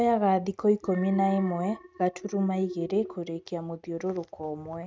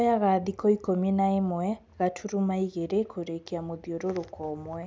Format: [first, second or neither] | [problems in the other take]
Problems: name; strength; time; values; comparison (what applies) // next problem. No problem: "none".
second | noise reduction (neural mask model RNNoise)